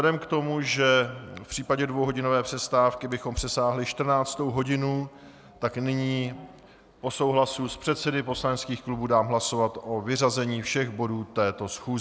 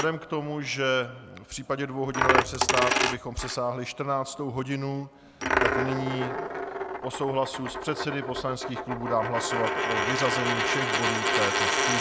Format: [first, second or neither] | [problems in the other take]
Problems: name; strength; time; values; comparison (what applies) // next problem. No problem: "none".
first | background sound (Coin (dropping)); 1 dB above the speech